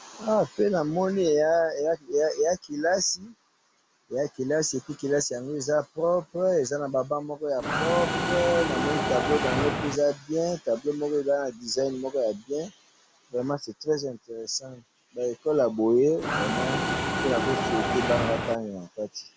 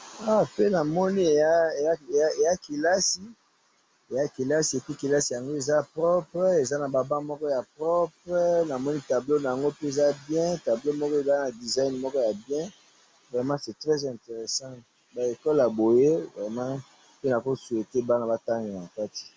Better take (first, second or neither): second